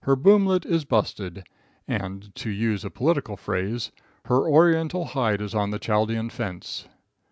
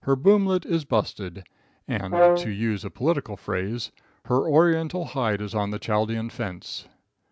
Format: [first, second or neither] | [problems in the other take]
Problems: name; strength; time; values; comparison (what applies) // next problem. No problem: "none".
first | background sound (Brass instrument); 1 dB above the speech